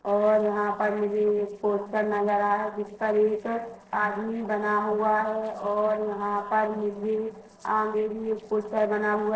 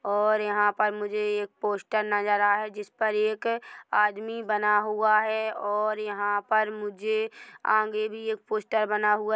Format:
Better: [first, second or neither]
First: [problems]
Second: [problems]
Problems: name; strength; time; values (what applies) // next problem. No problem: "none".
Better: second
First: noise reduction (neural separator model SepFormer DNS4)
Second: none